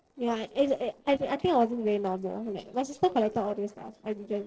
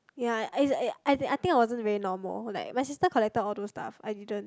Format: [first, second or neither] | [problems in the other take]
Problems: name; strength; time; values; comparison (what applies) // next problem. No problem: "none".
second | noise reduction (neural separator model SepFormer DNS4)